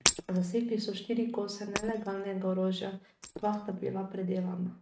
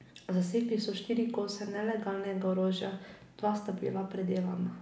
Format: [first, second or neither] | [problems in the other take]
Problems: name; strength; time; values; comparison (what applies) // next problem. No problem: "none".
second | noise reduction (neural mask model RNNoise)